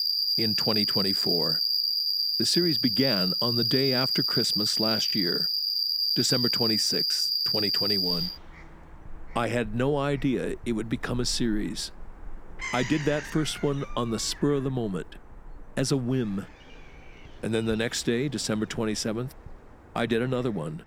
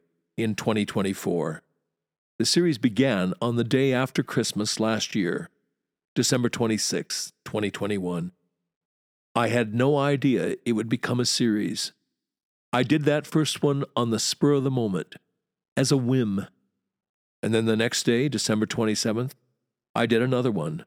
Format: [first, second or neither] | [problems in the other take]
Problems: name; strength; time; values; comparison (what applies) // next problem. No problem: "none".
second | animal sounds; very loud; throughout; 5 dB above the speech